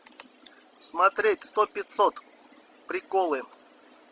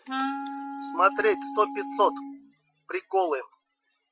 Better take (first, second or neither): first